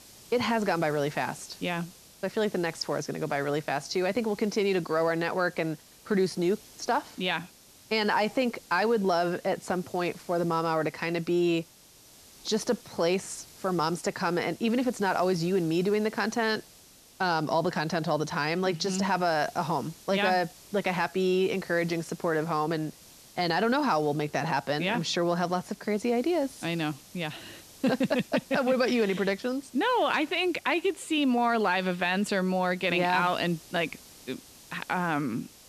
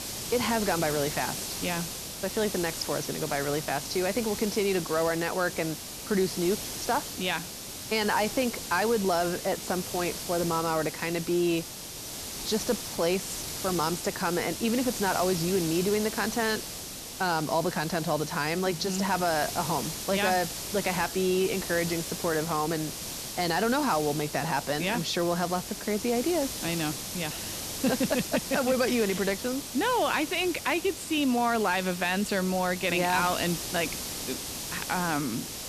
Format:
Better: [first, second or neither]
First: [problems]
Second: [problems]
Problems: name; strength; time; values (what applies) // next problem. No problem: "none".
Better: first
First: hiss; faint; throughout; 20 dB below the speech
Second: hiss; loud; throughout; 6 dB below the speech